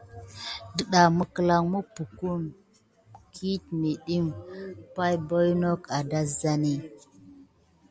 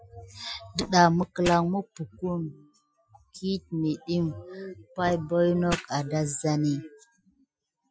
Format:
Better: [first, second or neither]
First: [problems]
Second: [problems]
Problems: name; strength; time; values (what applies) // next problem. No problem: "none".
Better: first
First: none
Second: noise reduction (classical method Wiener filter)